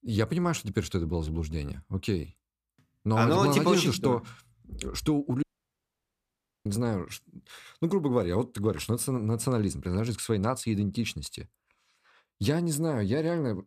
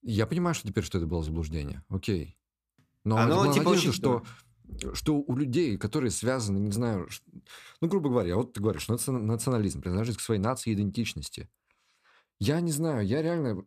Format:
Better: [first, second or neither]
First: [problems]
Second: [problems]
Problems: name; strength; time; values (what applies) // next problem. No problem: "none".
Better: second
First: audio cutting out; at 5.5 s for 1 s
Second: none